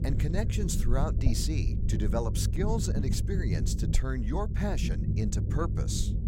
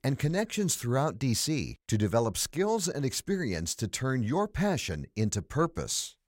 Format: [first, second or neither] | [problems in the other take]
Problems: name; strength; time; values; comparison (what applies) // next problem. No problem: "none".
second | low rumble; loud; throughout; 6 dB below the speech